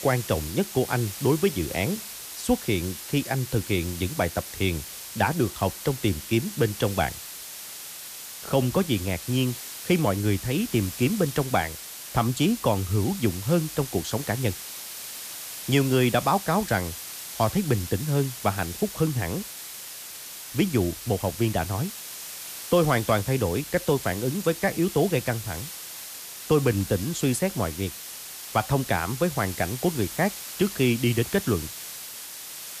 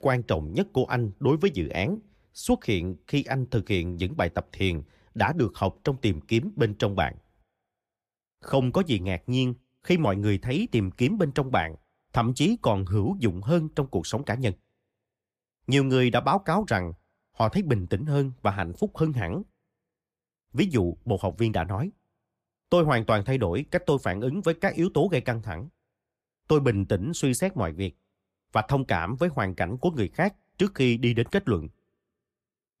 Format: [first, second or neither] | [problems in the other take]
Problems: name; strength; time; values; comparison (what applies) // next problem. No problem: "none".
second | hiss; loud; throughout; 9 dB below the speech